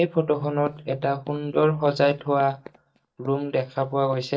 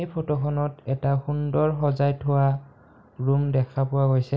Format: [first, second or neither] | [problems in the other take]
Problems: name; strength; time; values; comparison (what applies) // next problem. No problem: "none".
second | noise reduction (neural mask model DeepFilterNet 3)